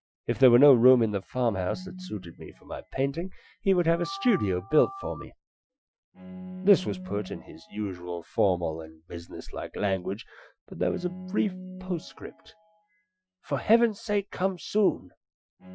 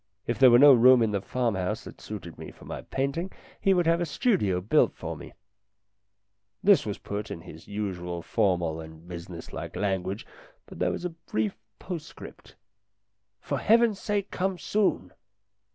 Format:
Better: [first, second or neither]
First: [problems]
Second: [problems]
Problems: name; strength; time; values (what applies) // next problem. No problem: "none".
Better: second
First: noise reduction (classical method Wiener filter)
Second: none